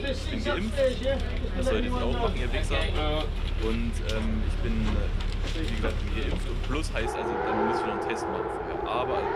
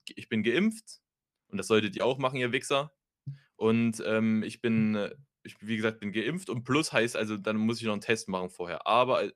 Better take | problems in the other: second | traffic noise; very loud; throughout; 5 dB above the speech

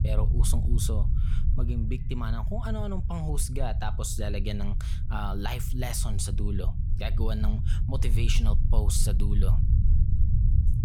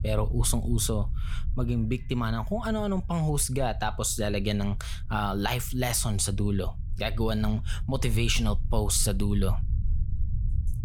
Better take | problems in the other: second | low rumble; loud; throughout; 8 dB below the speech; faint in the second

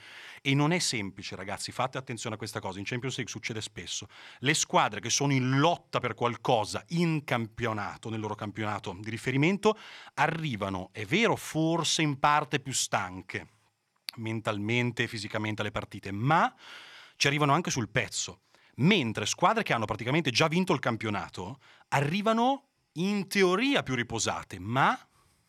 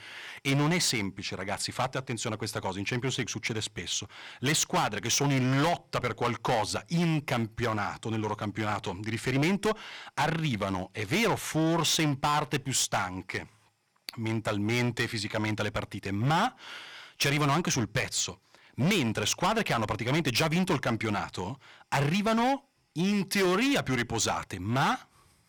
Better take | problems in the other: first | distortion; heavy; 12% of the sound clipped

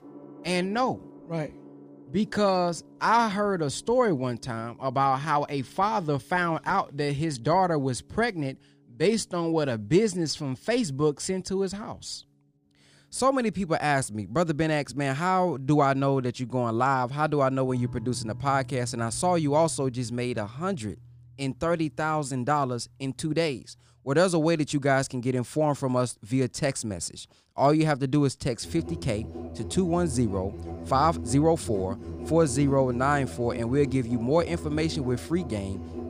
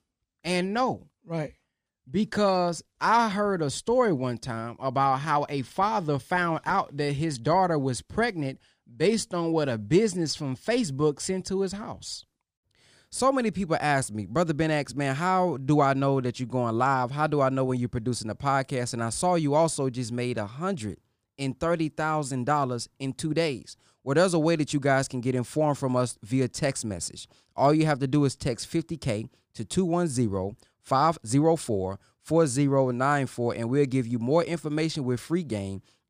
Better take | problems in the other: second | background music; noticeable; throughout; 15 dB below the speech

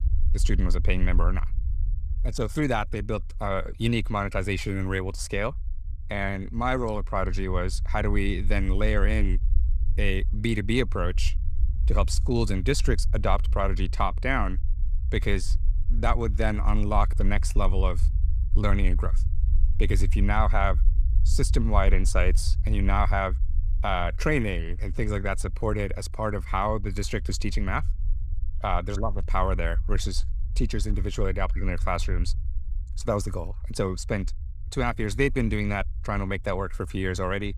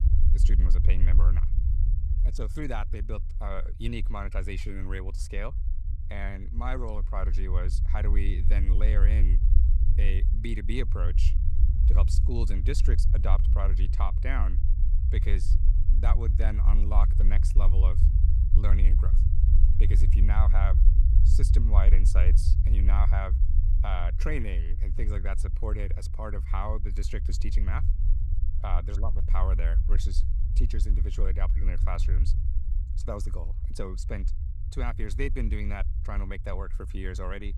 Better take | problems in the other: first | low rumble; loud; throughout; 8 dB below the speech; faint in the first

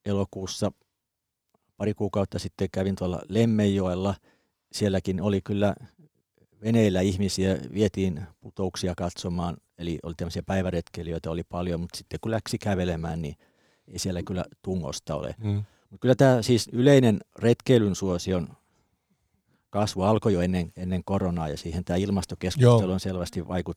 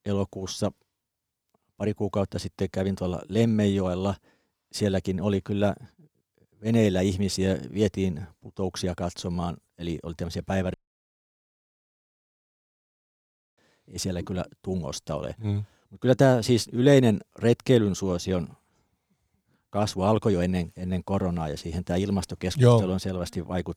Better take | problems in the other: first | audio cutting out; at 11 s for 3 s

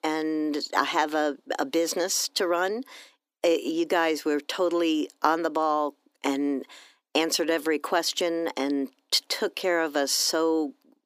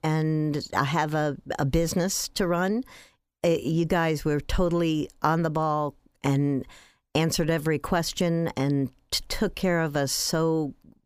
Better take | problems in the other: second | thin; somewhat; fading below 300 Hz

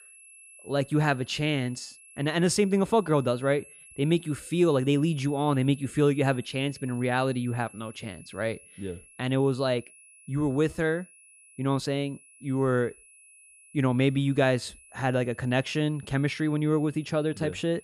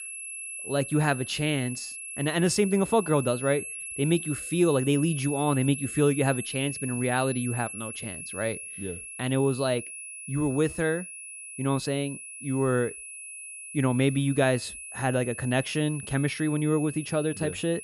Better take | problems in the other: first | high-pitched whine; loud; throughout; 11 kHz, 9 dB below the speech; faint in the first

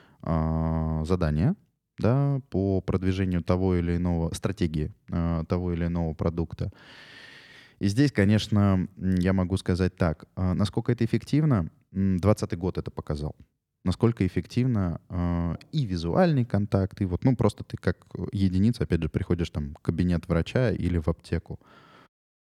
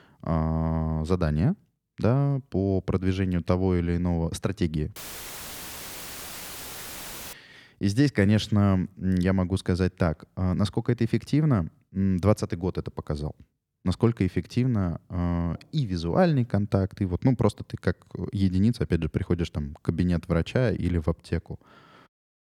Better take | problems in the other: first | audio cutting out; filled with static; at 5 s for 2.5 s

